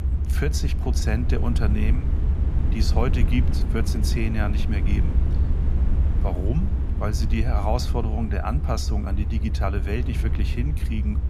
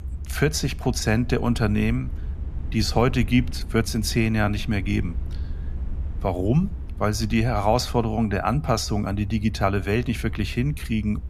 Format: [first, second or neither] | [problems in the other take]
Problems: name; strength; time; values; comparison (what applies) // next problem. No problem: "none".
second | low rumble; loud; throughout; 7 dB below the speech; faint in the second